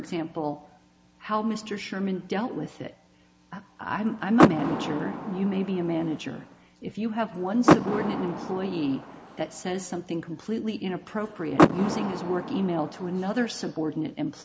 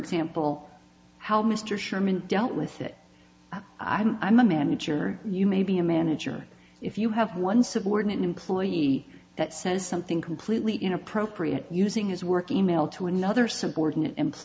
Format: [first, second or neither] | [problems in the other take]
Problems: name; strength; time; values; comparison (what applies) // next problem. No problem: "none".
second | background sound (Door / Car); 2 dB above the speech